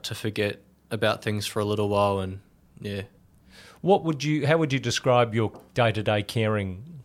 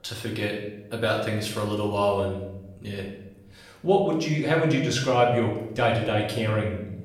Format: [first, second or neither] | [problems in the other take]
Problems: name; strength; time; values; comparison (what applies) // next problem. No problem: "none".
first | room echo; noticeable; dies away in 0.8 s // off-mic speech; far